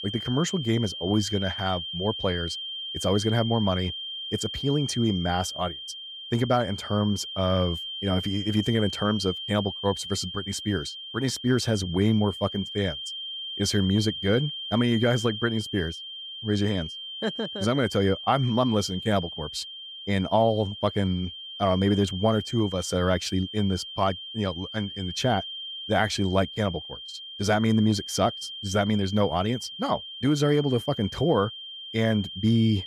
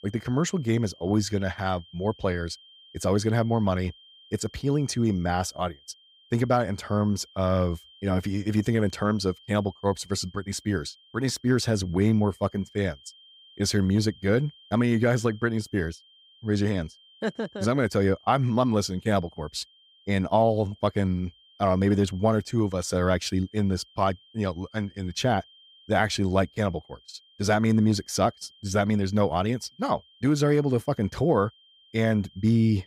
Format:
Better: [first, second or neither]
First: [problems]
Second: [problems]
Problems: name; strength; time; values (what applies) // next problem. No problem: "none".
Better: second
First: high-pitched whine; loud; throughout; 3 kHz, 8 dB below the speech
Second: high-pitched whine; faint; throughout; 3 kHz, 25 dB below the speech